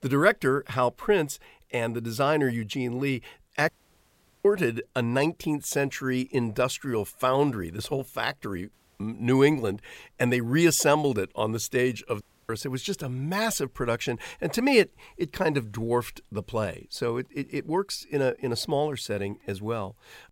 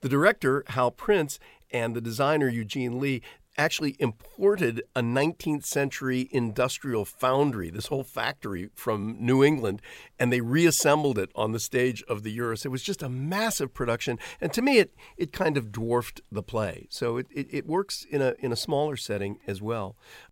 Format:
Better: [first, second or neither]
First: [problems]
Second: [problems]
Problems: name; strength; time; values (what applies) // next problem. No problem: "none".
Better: second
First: audio cutting out; at 3.5 s for 1 s, at 8.5 s and at 12 s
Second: none